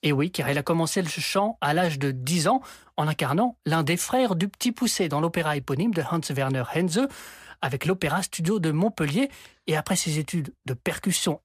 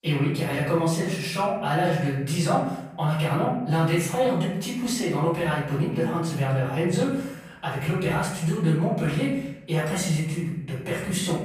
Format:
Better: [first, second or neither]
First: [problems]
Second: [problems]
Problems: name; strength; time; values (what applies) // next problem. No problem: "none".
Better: first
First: none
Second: off-mic speech; far // room echo; noticeable; dies away in 0.8 s